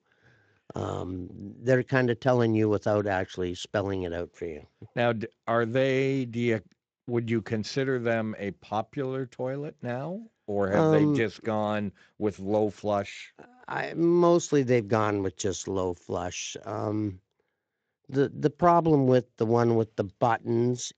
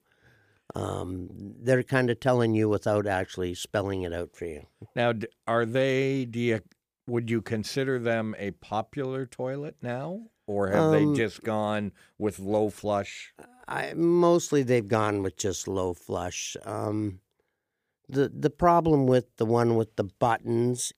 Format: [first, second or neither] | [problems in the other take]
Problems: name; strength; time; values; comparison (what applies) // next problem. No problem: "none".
second | garbled, watery; slightly; nothing above 7.5 kHz